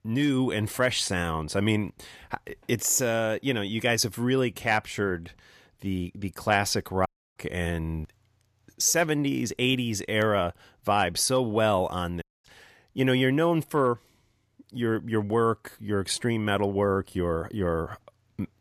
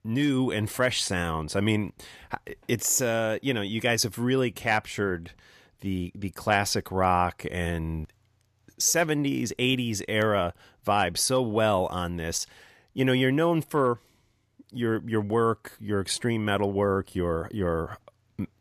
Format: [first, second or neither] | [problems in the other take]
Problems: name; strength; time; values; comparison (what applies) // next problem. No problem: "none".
second | audio cutting out; at 7 s and at 12 s